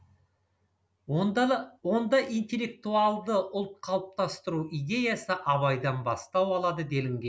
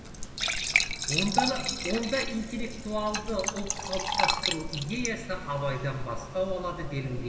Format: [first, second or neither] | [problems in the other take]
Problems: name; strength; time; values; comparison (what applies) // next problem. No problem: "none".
first | background sound (Fill (with liquid) / Trickle, dribble / Glass); 1 dB above the speech // room echo; dies away in 2.5 s